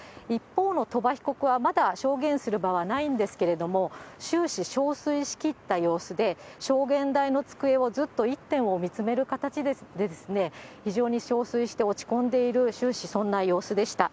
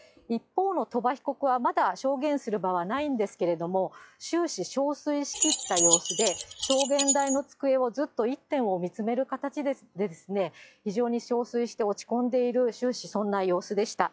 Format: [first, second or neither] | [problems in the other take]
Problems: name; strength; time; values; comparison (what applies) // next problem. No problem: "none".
first | noise reduction (classical method log-MMSE)